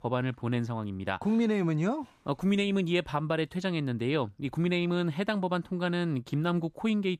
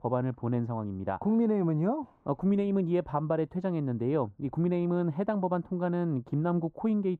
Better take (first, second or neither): first